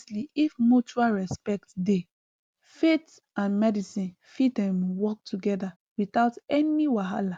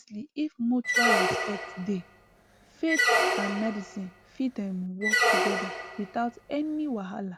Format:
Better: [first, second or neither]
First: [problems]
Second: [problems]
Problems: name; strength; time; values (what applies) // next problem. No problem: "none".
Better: first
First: none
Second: background sound (Squeak); 3 dB above the speech